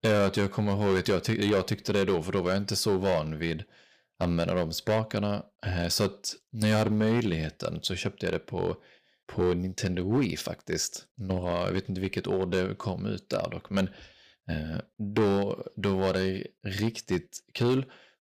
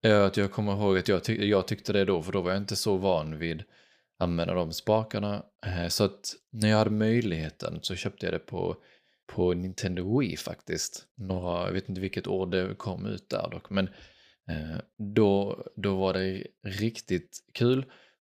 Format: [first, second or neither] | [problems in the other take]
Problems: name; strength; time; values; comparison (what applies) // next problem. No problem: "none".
second | distortion; slight; 5% of the sound clipped